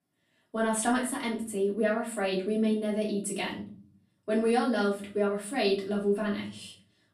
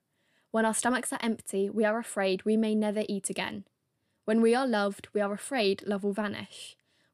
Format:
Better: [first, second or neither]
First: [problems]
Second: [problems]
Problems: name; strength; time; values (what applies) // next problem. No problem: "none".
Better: second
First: off-mic speech; far // room echo; slight; dies away in 0.4 s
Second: none